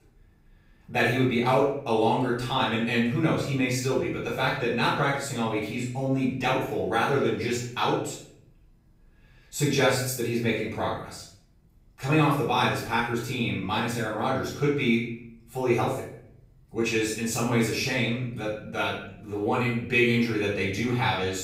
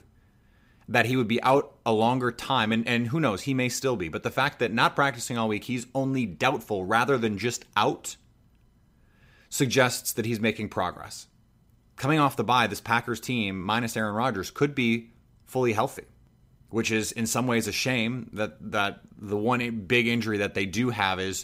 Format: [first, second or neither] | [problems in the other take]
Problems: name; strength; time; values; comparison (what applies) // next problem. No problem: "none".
second | off-mic speech; far // room echo; noticeable; dies away in 0.6 s